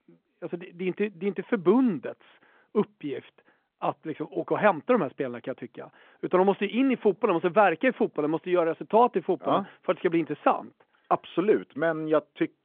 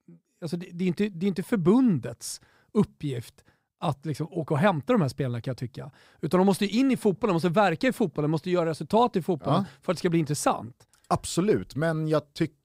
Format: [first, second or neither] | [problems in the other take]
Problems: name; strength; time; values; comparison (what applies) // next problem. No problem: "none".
second | phone-call audio